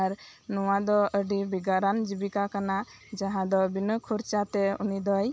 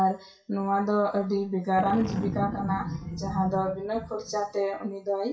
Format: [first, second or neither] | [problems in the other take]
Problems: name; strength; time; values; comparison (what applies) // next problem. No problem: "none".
first | noise reduction (classical method WPE with log-MMSE)